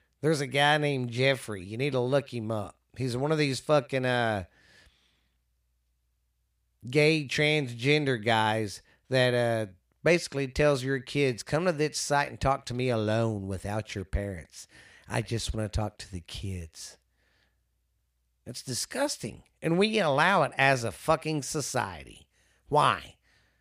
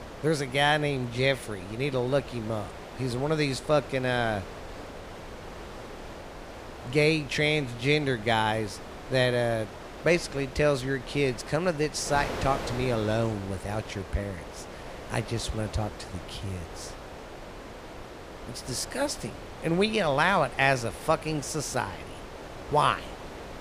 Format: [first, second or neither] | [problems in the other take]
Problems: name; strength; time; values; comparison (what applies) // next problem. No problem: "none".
first | wind noise on the microphone; occasional gusts; 15 dB below the speech